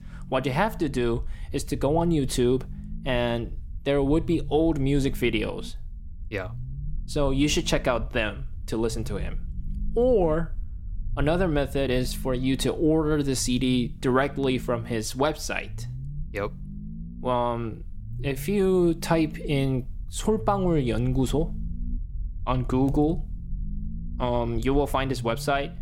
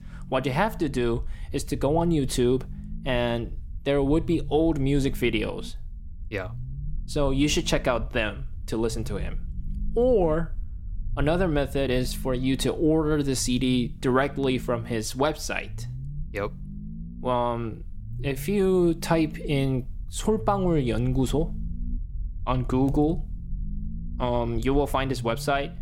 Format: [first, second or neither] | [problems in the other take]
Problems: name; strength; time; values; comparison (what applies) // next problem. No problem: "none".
neither | low rumble; faint; throughout; 25 dB below the speech; the same in both